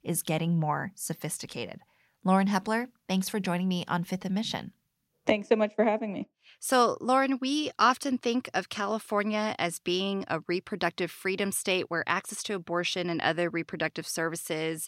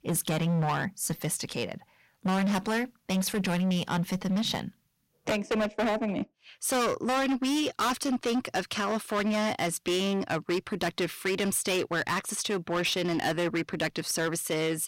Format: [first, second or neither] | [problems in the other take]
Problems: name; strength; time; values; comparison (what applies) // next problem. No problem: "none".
first | distortion; heavy; 19% of the sound clipped